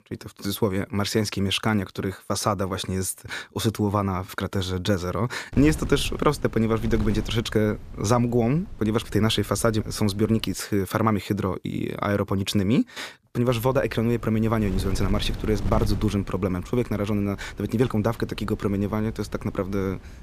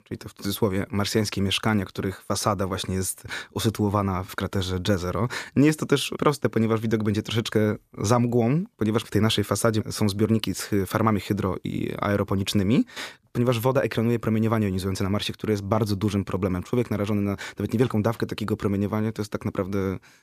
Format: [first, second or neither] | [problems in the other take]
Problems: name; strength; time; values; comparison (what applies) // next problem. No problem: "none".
second | wind noise on the microphone; occasional gusts; from 5.5 to 11 s and from 13 s on; 20 dB below the speech